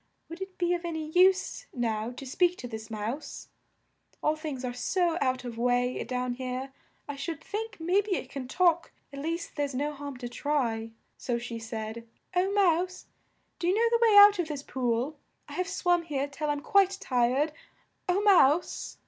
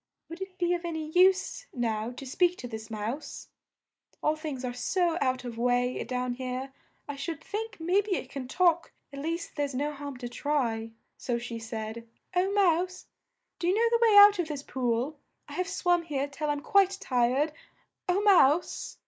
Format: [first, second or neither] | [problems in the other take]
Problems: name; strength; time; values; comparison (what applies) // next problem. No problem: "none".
first | noise reduction (neural mask model Resemble Enhance denoiser)